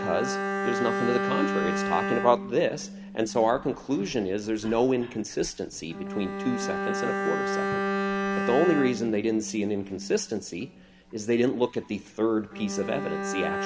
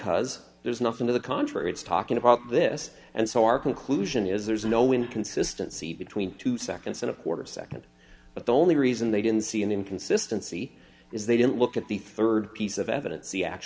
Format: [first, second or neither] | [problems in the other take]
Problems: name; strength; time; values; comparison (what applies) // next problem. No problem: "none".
second | background sound (Bowed string instrument); 4 dB below the speech